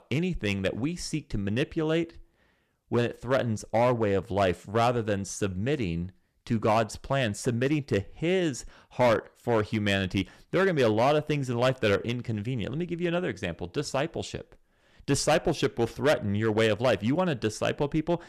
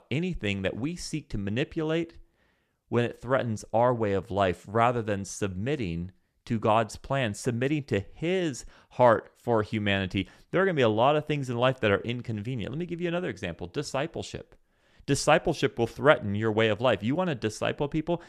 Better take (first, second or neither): second